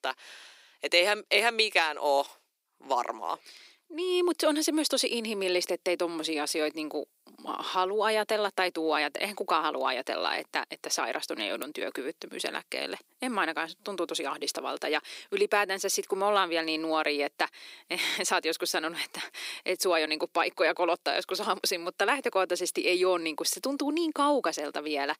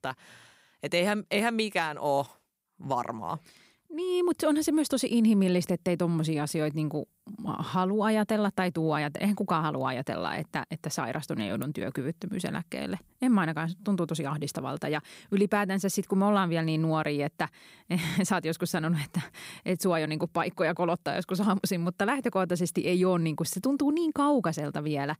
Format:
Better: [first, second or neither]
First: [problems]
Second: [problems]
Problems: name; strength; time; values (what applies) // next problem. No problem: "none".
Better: second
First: thin; somewhat; fading below 350 Hz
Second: none